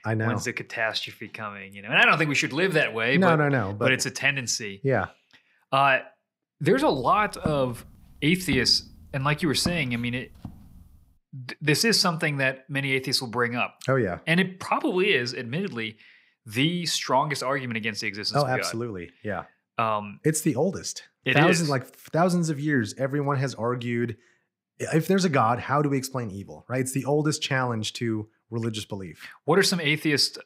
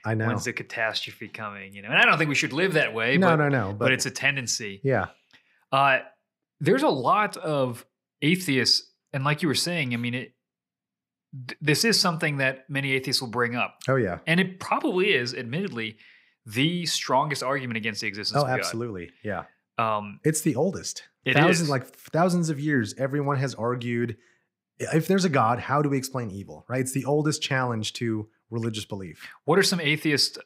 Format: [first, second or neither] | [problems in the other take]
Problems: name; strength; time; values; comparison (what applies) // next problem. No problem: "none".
second | footsteps; noticeable; from 7.5 to 10 s; peak 10 dB below the speech